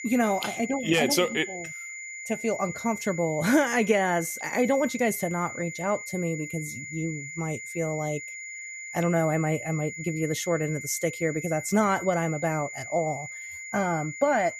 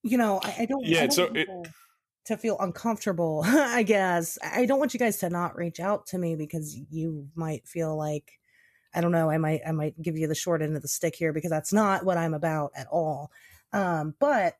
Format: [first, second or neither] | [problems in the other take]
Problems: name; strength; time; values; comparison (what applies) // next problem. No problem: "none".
second | high-pitched whine; loud; throughout; 2 kHz, 9 dB below the speech